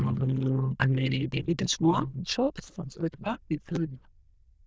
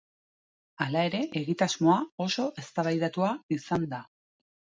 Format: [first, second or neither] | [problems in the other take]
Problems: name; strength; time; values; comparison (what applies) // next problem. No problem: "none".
second | noise reduction (neural diffusion model UNIVERSE++)